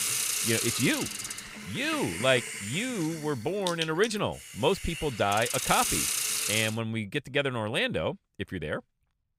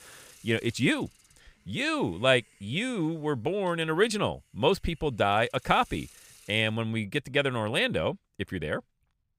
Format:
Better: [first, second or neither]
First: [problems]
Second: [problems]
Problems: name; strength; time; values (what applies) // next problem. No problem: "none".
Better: second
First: hiss; loud; until 6.5 s; 1 dB below the speech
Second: hiss; faint; until 6.5 s; 25 dB below the speech